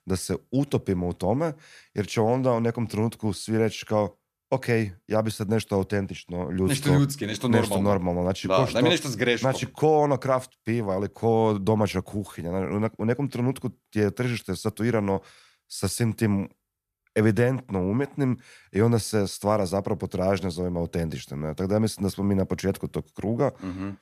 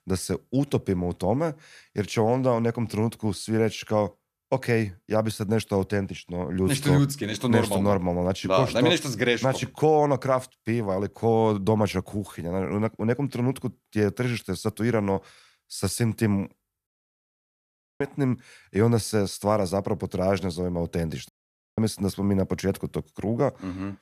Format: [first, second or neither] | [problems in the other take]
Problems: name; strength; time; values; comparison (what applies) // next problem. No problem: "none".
first | audio cutting out; at 17 s for 1 s and at 21 s